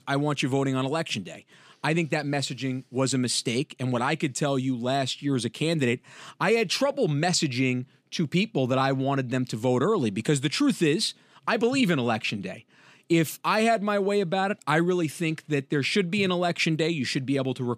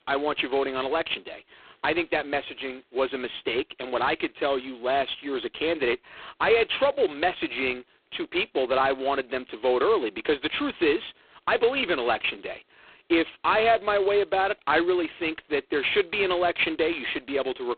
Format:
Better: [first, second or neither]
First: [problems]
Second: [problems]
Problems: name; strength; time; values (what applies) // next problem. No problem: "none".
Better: first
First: none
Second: phone-call audio; poor line; nothing above 4 kHz